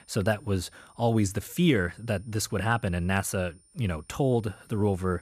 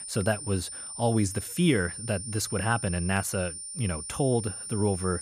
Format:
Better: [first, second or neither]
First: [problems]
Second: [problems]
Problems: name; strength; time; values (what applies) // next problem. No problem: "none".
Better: first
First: high-pitched whine; faint; throughout; 9 kHz, 30 dB below the speech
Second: high-pitched whine; loud; throughout; 9 kHz, 7 dB below the speech